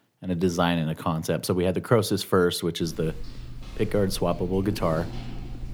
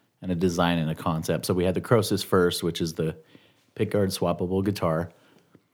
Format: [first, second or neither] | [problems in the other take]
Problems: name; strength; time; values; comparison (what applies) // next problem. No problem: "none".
second | footsteps; faint; from 3 s on; peak 10 dB below the speech